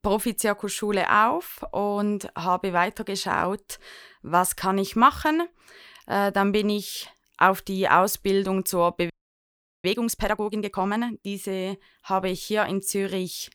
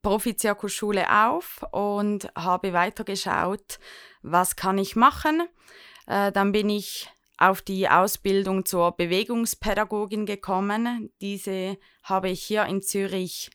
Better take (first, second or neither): second